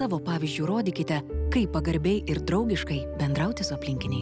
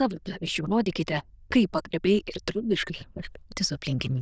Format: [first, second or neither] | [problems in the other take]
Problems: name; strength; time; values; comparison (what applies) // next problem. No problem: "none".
first | noise reduction (neural diffusion model UNIVERSE++)